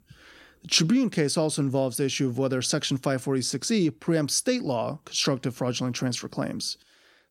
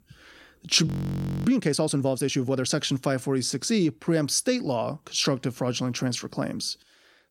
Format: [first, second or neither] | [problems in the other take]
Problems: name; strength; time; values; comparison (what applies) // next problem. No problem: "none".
first | audio freezing; at 1 s for 0.5 s